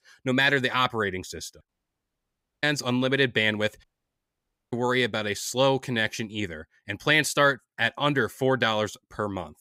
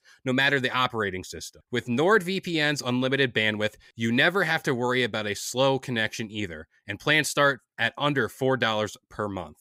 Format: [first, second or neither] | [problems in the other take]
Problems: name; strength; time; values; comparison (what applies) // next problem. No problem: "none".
second | audio cutting out; at 1.5 s for 1 s and at 4 s for 1 s